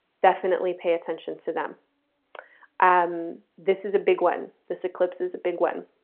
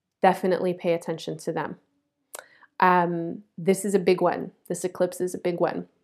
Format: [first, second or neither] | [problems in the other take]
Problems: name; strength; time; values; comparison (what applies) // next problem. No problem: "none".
second | phone-call audio